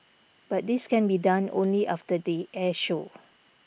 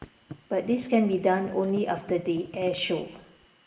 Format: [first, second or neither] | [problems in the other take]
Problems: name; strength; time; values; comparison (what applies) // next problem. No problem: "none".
first | background sound (Thump, thud); 19 dB below the speech // room echo; dies away in 0.8 s